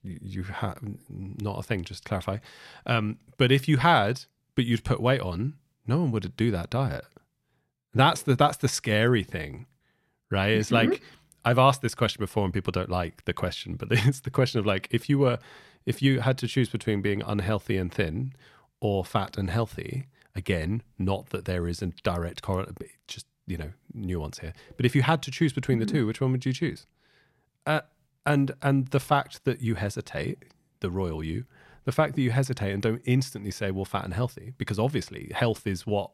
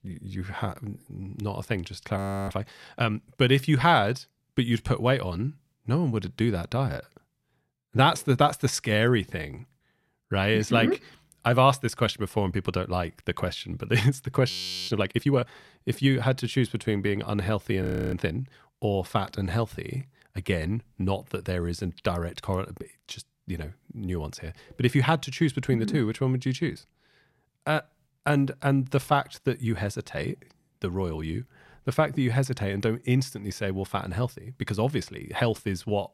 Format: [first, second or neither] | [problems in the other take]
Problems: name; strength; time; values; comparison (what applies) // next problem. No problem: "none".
first | audio freezing; at 2 s, at 15 s and at 18 s